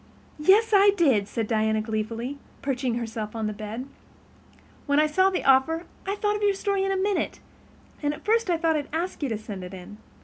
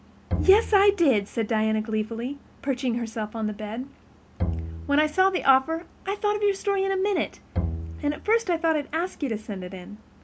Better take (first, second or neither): first